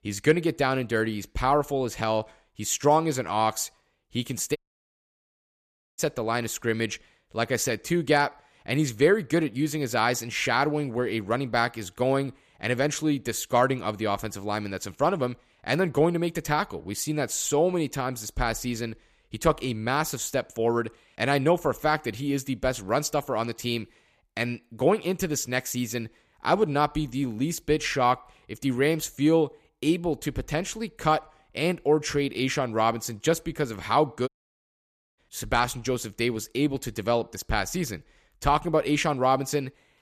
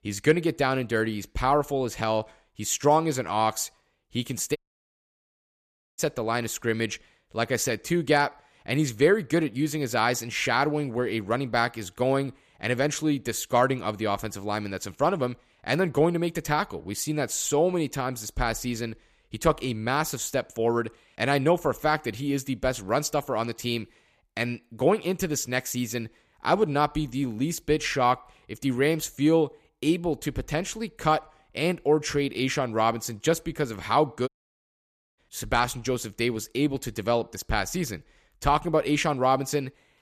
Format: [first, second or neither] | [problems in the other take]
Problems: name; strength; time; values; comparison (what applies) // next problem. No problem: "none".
neither | audio cutting out; at 4.5 s for 1.5 s and at 34 s for 1 s; the same in both